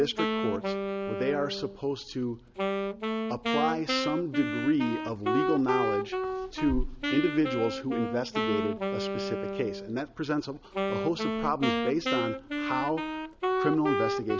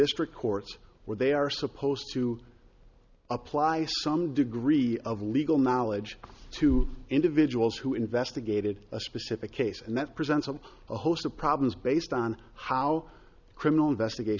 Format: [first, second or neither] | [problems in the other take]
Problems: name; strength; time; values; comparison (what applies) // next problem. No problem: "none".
second | background sound (Wind instrument, woodwind instrument); 1 dB below the speech